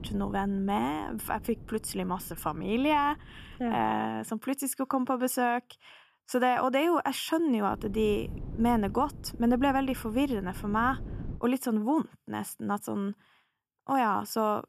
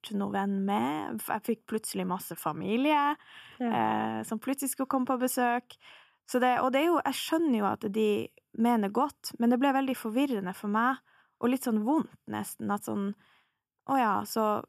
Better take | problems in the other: second | wind noise on the microphone; occasional gusts; until 4 s and from 7.5 to 11 s; 25 dB below the speech

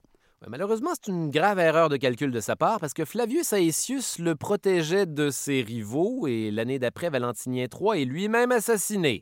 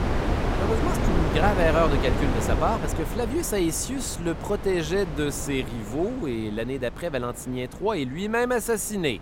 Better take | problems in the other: first | wind noise on the microphone; heavy; 4 dB below the speech

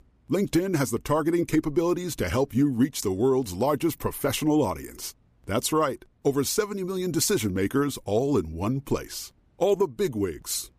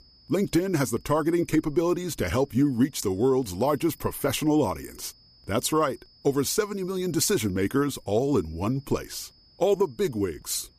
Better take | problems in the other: first | high-pitched whine; faint; throughout; 5 kHz, 30 dB below the speech

